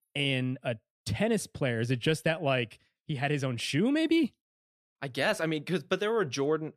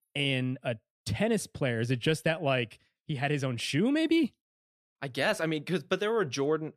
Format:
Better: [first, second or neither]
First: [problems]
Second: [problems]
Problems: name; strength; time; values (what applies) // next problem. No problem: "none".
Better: neither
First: none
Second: none